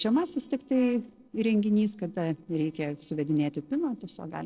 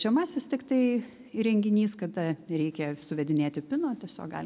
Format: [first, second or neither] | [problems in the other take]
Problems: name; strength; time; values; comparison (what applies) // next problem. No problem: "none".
second | noise reduction (neural separator model SepFormer DNS4)